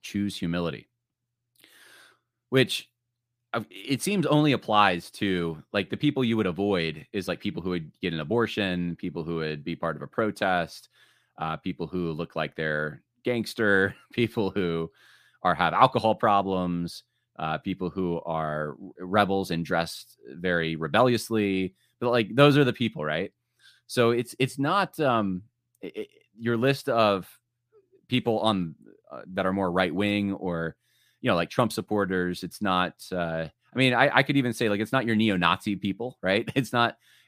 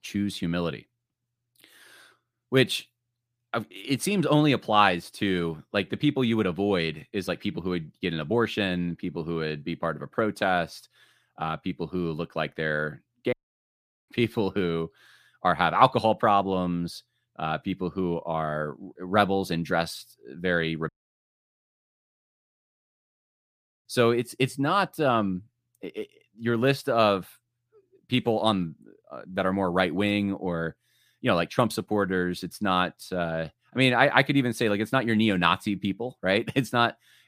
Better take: first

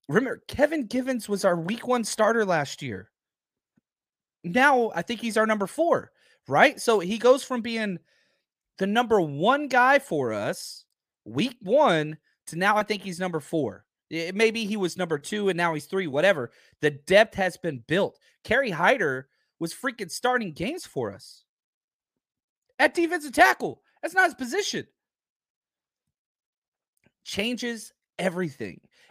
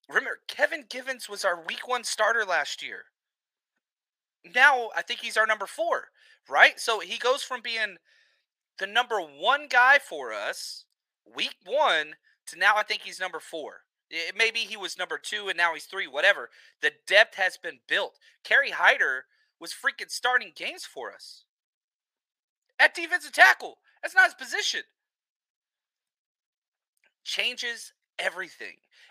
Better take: first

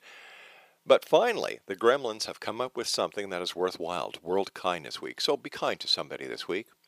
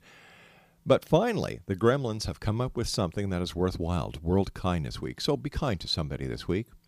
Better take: second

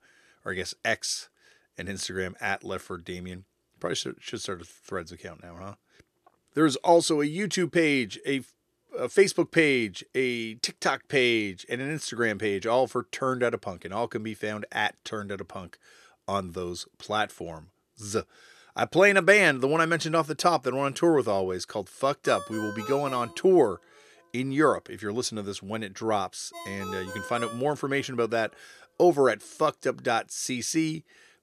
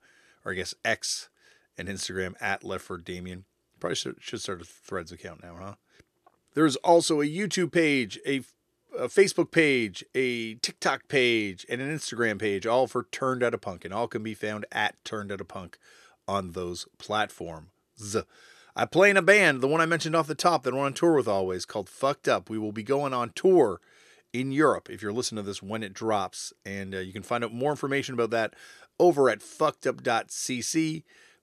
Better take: second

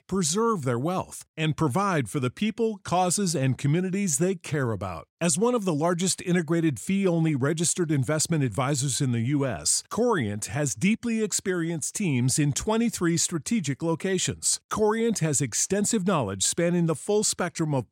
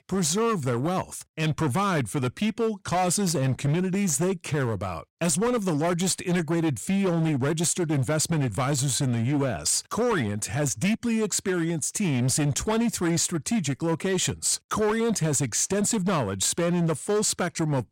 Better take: first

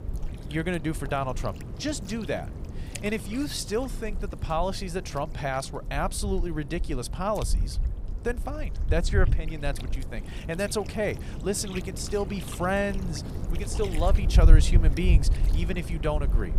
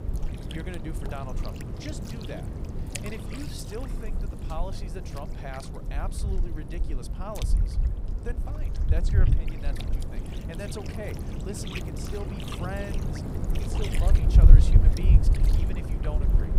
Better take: first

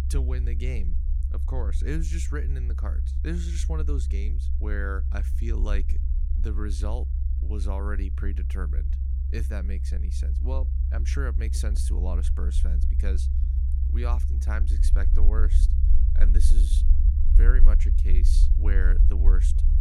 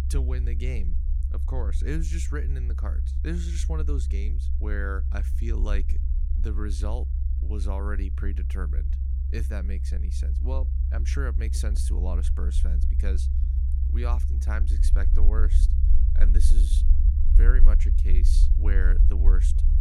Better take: neither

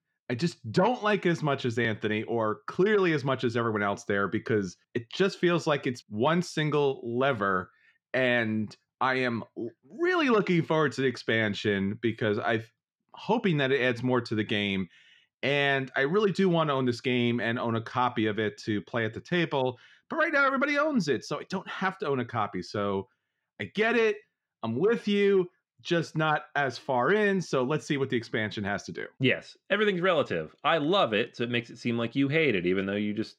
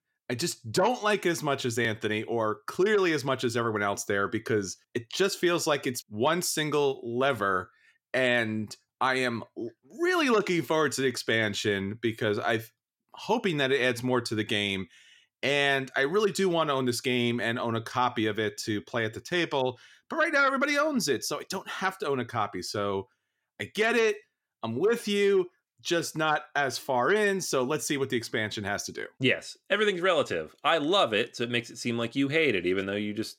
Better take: second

